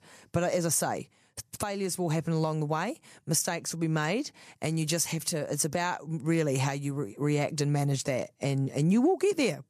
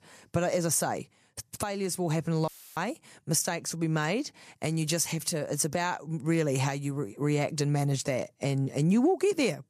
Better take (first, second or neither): first